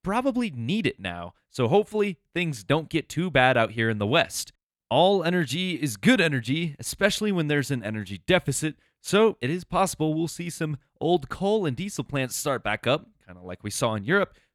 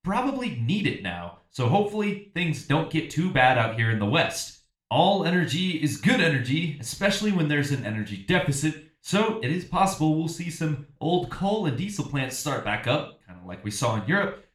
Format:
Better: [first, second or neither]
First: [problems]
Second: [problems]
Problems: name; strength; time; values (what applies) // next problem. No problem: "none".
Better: first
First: none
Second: room echo; slight; dies away in 0.4 s // off-mic speech; somewhat distant